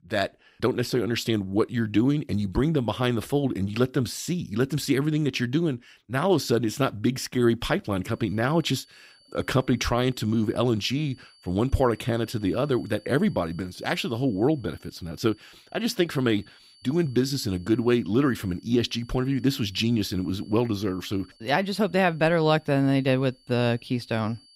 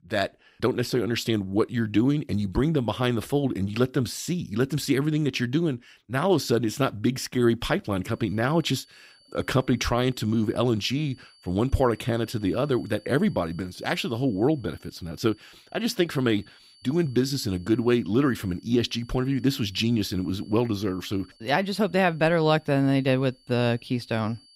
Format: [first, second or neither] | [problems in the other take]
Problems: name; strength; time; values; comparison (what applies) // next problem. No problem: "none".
neither | high-pitched whine; faint; from 8 s on; 4.5 kHz, 30 dB below the speech; the same in both